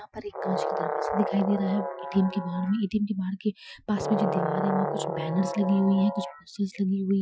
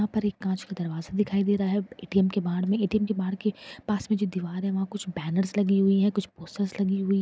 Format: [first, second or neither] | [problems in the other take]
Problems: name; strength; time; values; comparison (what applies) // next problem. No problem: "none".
second | noise reduction (classical method Wiener filter)